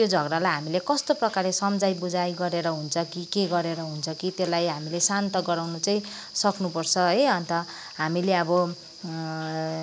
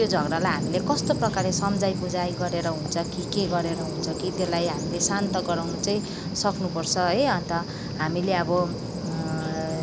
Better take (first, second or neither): first